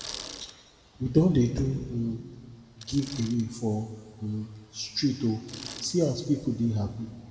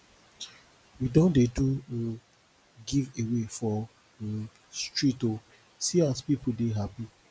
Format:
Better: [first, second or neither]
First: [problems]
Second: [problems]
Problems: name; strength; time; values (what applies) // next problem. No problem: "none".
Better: second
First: background sound (Bicycle); 18 dB below the speech // room echo; dies away in 1.7 s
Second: none